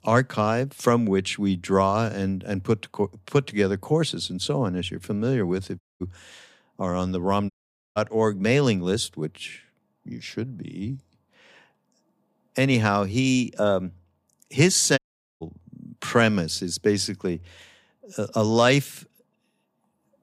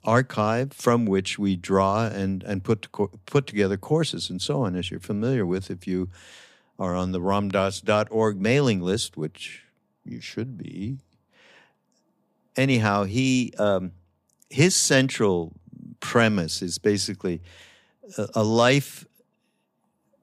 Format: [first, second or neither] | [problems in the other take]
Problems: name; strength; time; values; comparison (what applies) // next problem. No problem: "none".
second | audio cutting out; at 6 s, at 7.5 s and at 15 s